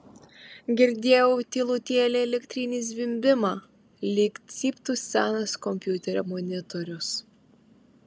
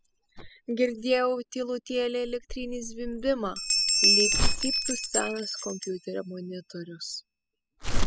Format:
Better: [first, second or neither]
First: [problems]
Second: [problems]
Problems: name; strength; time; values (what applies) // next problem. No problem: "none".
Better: first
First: none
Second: noise reduction (classical method spectral subtraction)